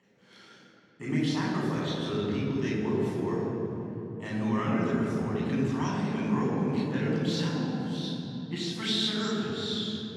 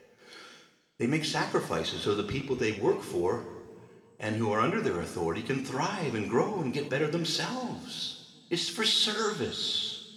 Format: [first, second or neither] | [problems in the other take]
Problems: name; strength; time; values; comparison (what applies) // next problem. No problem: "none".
second | room echo; strong; dies away in 3 s; slight in the second // off-mic speech; far